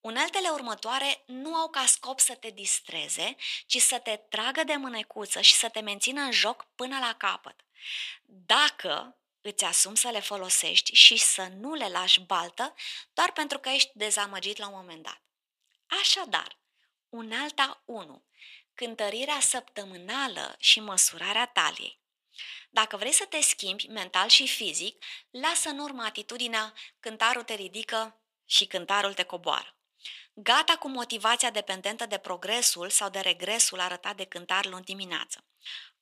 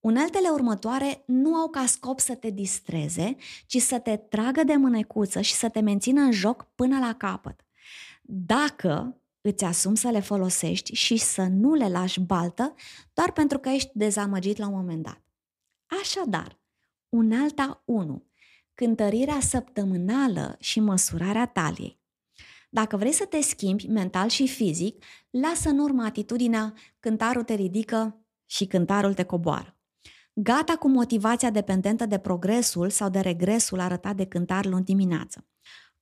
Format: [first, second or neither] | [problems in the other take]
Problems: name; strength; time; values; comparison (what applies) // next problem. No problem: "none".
second | thin; very; fading below 800 Hz